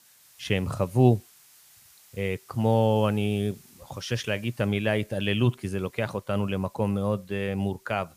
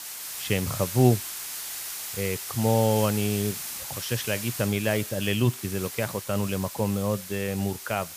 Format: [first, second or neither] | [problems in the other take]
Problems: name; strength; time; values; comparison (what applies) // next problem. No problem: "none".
first | hiss; loud; throughout; 7 dB below the speech; faint in the first